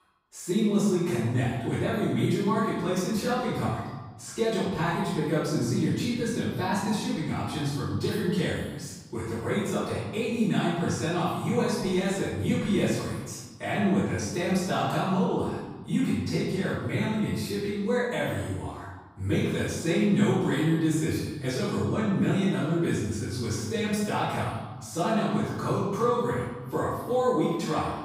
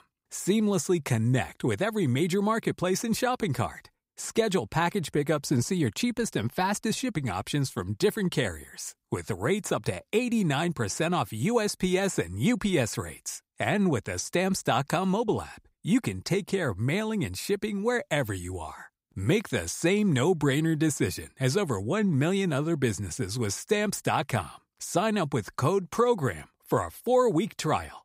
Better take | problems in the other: second | off-mic speech; far // room echo; strong; dies away in 1.1 s

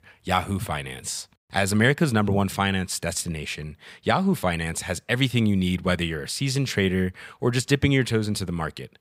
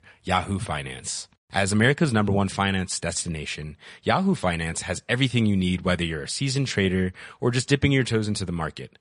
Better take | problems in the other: first | garbled, watery; slightly; nothing above 10.5 kHz

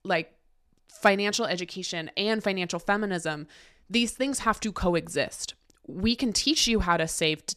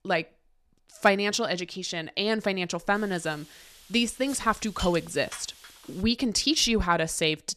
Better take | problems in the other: first | hiss; noticeable; from 3 to 6 s; 15 dB below the speech

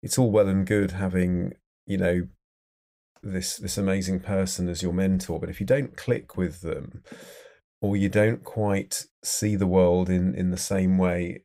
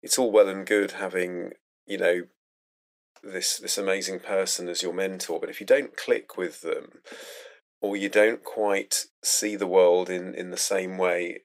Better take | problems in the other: first | thin; very; fading below 300 Hz

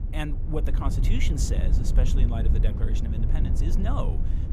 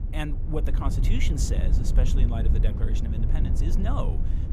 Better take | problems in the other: neither | low rumble; loud; throughout; 5 dB below the speech; the same in both

